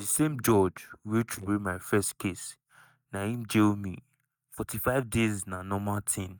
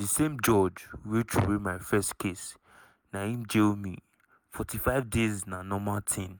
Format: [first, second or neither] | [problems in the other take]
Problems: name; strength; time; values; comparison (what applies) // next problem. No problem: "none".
second | noise reduction (neural mask model DeepFilterNet 3)